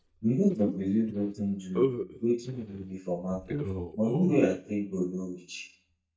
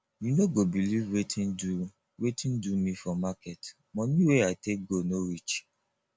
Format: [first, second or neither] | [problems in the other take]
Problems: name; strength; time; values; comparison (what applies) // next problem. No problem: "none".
second | noise reduction (neural mask model DeepFilterNet 3)